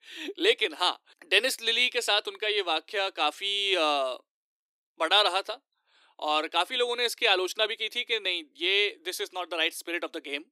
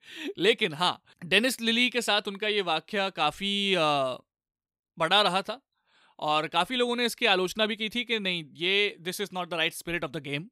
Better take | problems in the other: second | thin; very; fading below 300 Hz

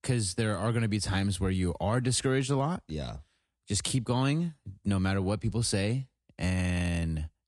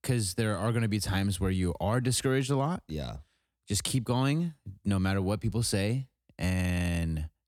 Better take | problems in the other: second | garbled, watery; slightly; nothing above 10 kHz

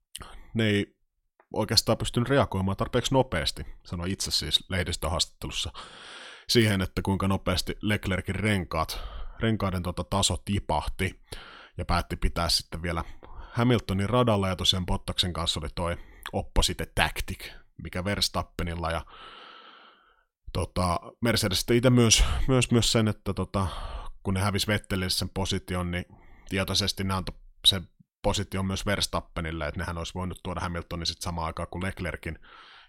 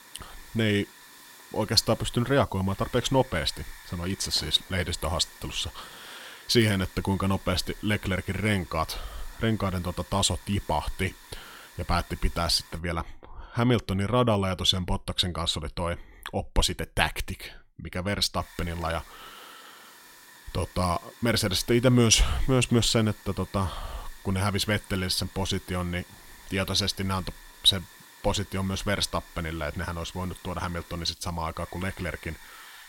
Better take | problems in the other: first | hiss; faint; until 13 s and from 18 s on; 20 dB below the speech

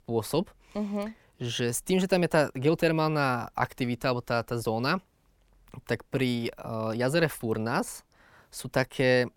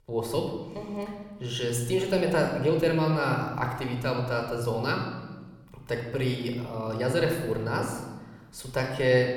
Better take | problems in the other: first | room echo; noticeable; dies away in 1.1 s

